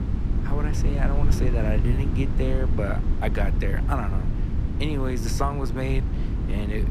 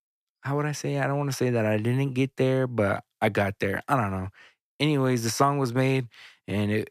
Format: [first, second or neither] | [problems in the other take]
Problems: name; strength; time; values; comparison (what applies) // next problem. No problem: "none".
second | low rumble; loud; throughout; 6 dB below the speech